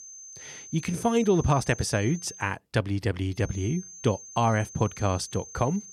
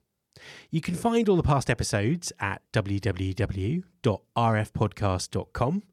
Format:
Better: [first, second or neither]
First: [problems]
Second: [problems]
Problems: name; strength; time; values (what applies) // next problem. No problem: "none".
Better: second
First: high-pitched whine; noticeable; until 2.5 s and from 3.5 s on; 6.5 kHz, 15 dB below the speech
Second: none